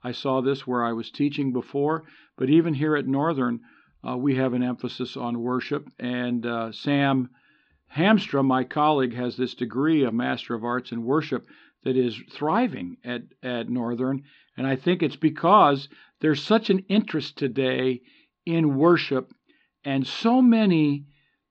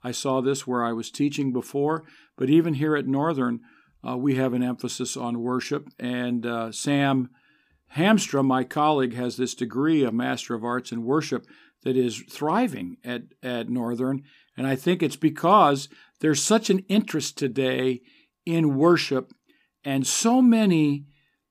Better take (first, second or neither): second